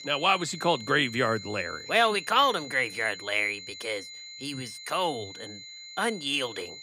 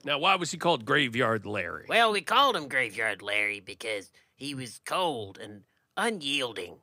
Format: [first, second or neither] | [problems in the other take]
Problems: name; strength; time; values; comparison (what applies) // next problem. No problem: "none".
second | high-pitched whine; noticeable; throughout; 4 kHz, 15 dB below the speech